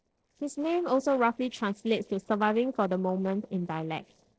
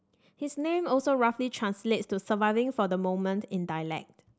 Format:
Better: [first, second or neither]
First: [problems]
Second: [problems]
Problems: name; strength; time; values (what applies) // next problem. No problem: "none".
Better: second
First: noise reduction (neural separator model SepFormer DNS4)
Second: none